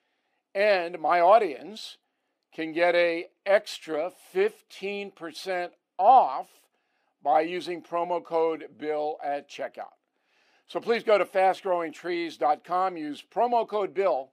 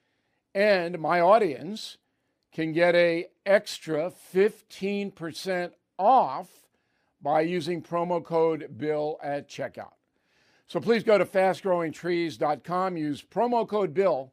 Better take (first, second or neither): second